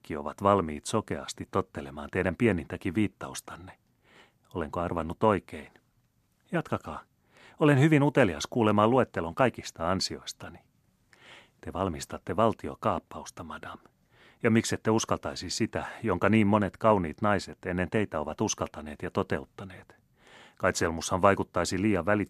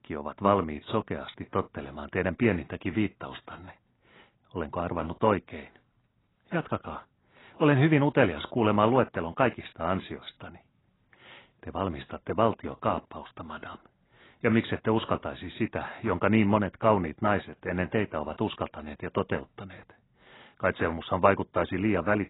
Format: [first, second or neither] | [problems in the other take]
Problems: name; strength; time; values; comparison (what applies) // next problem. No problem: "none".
first | garbled, watery; badly; nothing above 4 kHz